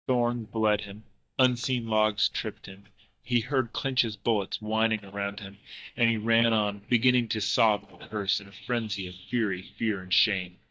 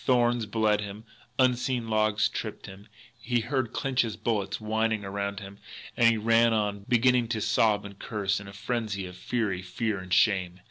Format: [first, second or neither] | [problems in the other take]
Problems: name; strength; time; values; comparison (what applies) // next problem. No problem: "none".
second | noise reduction (neural mask model DeepFilterNet 3)